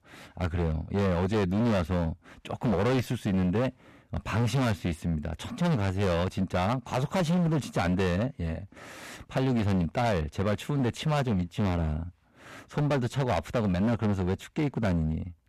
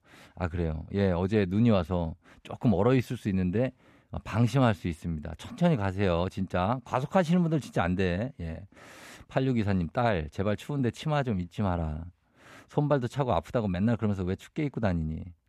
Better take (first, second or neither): second